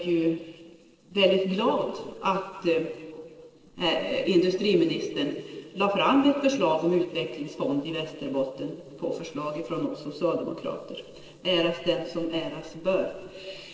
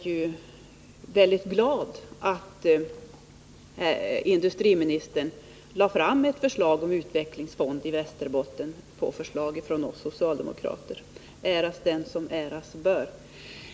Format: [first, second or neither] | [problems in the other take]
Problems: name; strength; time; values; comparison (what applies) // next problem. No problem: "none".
second | noise reduction (neural separator model SepFormer DNS4)